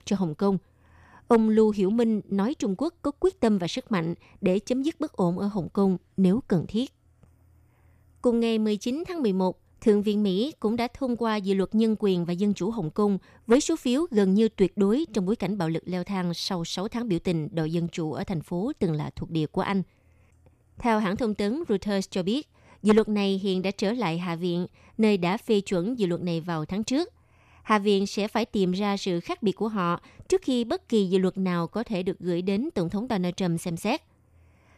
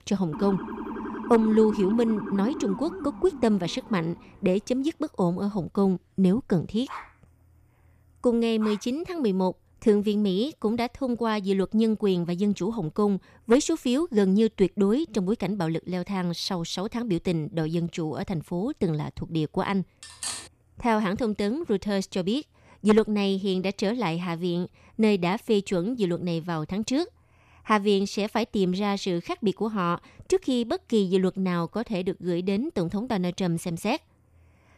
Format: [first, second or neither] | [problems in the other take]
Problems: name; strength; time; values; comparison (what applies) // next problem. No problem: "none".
first | siren; noticeable; until 4.5 s; peak 8 dB below the speech // dog barking; faint; from 7 to 9 s; peak 15 dB below the speech // clattering dishes; noticeable; at 20 s; peak 6 dB below the speech